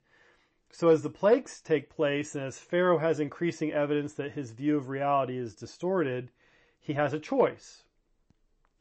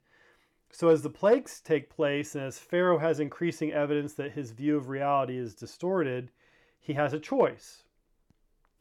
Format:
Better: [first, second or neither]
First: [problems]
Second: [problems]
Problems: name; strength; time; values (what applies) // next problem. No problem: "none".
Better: second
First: garbled, watery; slightly; nothing above 8 kHz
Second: none